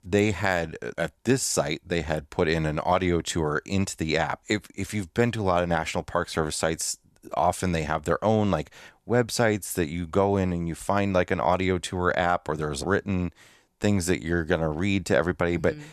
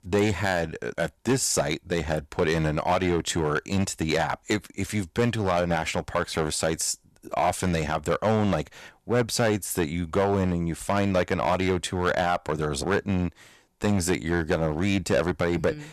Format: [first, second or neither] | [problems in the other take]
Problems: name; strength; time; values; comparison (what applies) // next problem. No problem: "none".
first | distortion; slight; 5% of the sound clipped